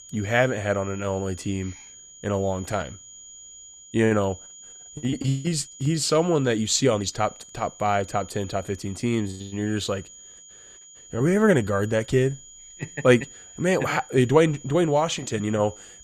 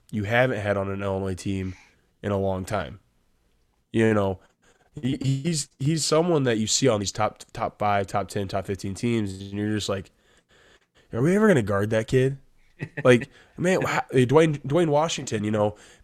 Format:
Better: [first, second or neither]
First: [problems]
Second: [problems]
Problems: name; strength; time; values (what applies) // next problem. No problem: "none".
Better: second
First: high-pitched whine; noticeable; throughout; 7 kHz, 20 dB below the speech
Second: none